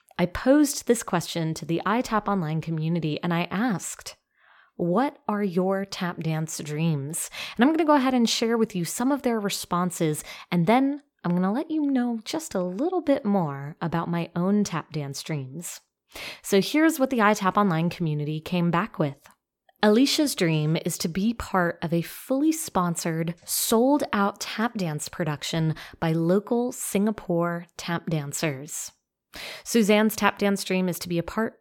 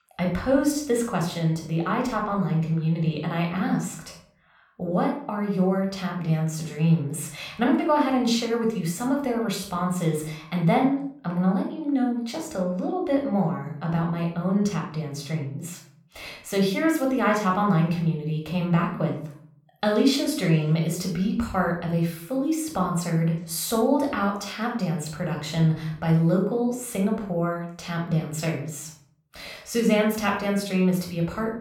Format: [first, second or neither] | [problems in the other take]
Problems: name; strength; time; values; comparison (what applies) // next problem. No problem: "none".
first | off-mic speech; somewhat distant // room echo; noticeable; dies away in 0.5 s